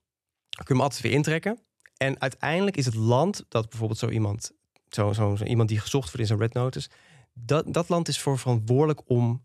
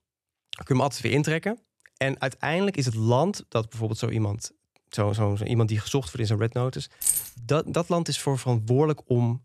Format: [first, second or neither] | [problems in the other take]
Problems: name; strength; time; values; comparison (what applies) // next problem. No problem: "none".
first | jangling keys; loud; at 7 s; peak 2 dB above the speech